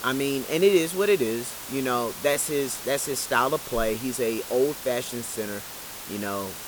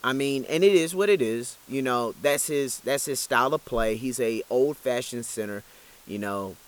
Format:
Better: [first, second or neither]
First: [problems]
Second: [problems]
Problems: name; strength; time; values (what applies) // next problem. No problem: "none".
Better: second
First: hiss; loud; throughout; 9 dB below the speech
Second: hiss; faint; throughout; 25 dB below the speech